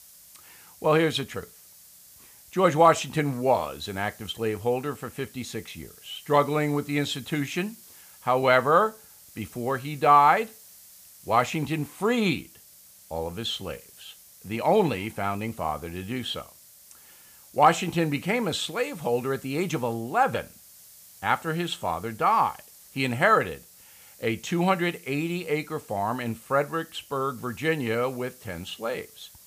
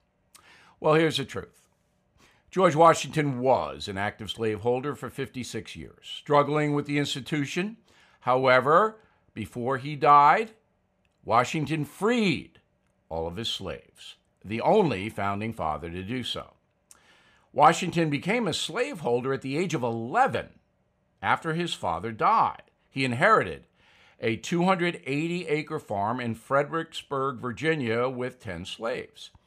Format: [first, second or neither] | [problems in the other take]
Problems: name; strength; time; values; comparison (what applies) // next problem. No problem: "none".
second | hiss; faint; throughout; 20 dB below the speech